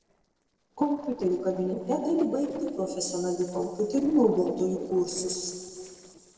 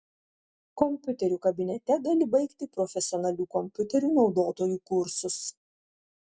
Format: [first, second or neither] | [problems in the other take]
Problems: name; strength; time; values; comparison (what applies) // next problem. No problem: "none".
second | noise reduction (neural separator model SepFormer DNS4)